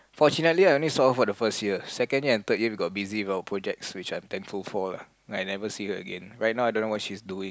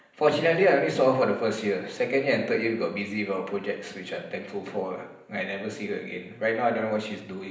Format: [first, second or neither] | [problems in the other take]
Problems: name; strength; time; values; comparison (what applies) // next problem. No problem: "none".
first | room echo; dies away in 0.8 s